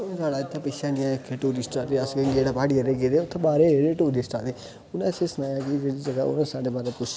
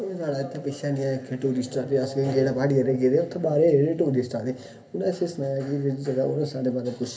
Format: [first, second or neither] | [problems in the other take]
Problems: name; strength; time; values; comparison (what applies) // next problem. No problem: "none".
first | room echo; dies away in 0.3 s